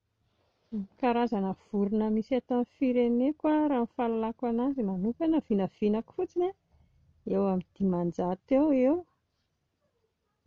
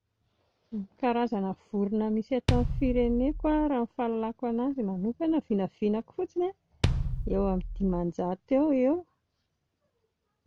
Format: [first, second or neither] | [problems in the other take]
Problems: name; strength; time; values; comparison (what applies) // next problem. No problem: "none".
first | background sound (Bass drum); 3 dB below the speech